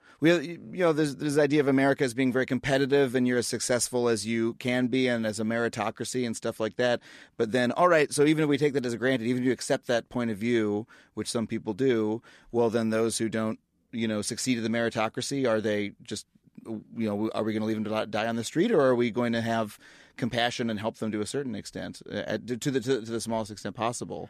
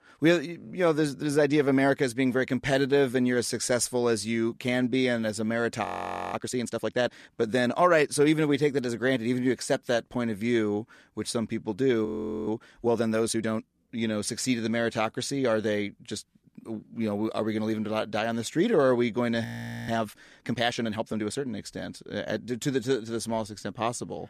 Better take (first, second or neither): first